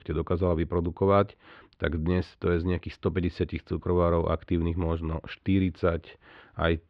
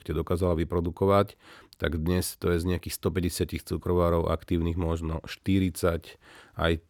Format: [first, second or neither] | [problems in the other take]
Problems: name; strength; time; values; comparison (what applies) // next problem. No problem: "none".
second | muffled; slightly; fading above 3.5 kHz